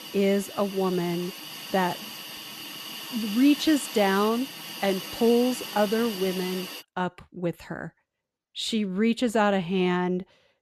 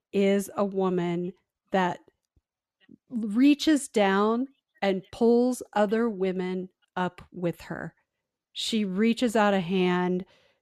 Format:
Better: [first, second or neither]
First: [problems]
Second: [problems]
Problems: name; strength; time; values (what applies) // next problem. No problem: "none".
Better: second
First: hiss; loud; until 7 s; 10 dB below the speech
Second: none